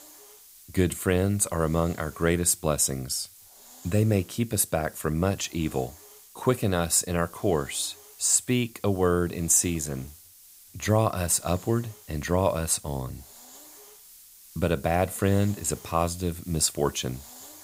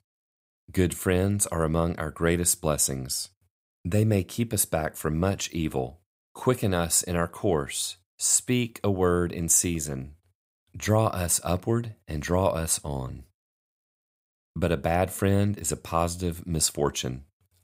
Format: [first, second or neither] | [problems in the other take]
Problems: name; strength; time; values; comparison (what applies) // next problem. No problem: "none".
second | hiss; faint; throughout; 20 dB below the speech